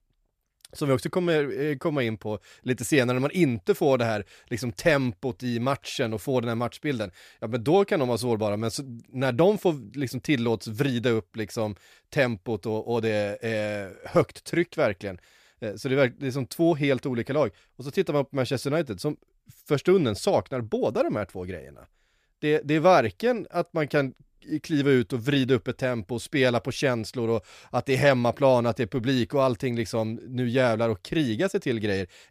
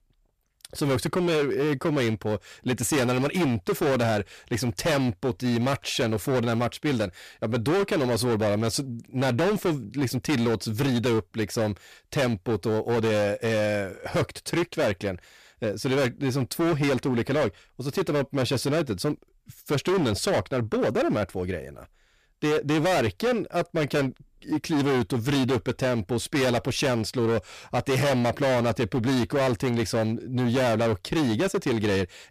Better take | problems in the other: first | distortion; heavy; 21% of the sound clipped

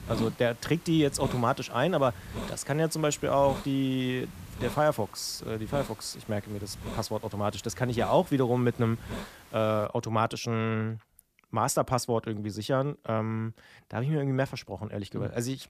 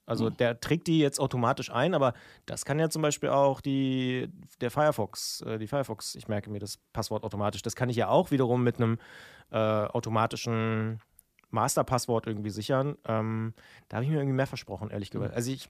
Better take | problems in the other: second | hiss; noticeable; until 10 s; 15 dB below the speech

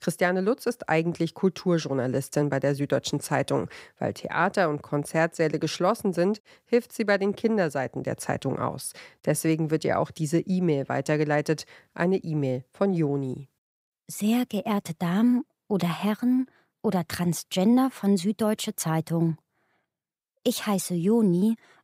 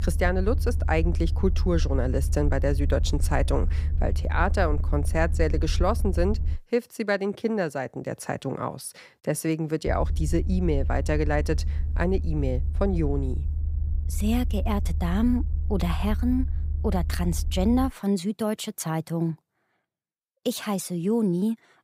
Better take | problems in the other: first | low rumble; noticeable; until 6.5 s and from 10 to 18 s; 15 dB below the speech

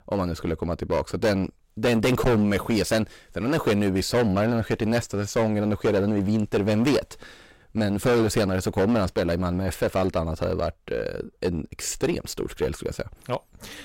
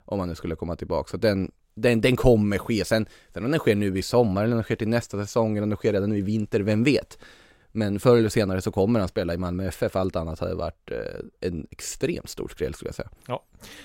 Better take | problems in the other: second | distortion; heavy; 12% of the sound clipped

